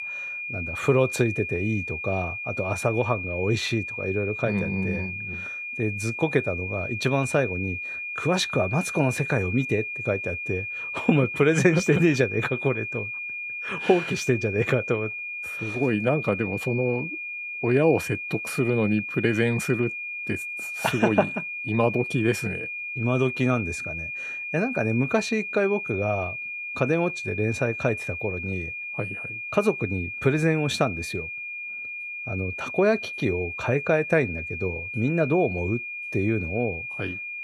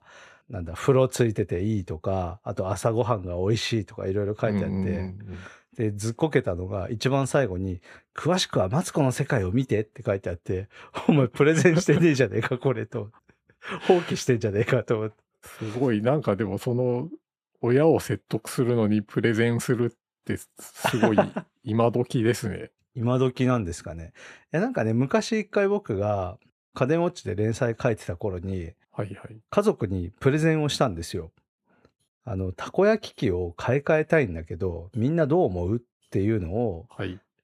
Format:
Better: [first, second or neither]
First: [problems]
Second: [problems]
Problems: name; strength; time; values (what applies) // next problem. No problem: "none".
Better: second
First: high-pitched whine; loud; throughout; 2.5 kHz, 5 dB below the speech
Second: none